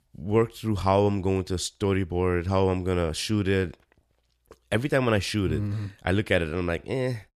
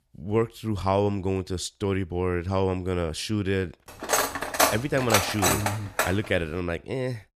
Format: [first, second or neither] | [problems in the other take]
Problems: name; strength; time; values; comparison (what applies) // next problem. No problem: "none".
first | clattering dishes; loud; from 4 to 6 s; peak 5 dB above the speech